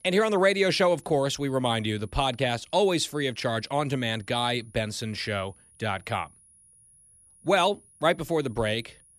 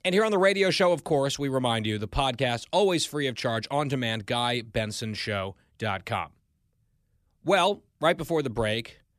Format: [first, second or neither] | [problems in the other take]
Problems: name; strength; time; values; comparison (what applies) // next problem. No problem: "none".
second | high-pitched whine; faint; throughout; 10.5 kHz, 30 dB below the speech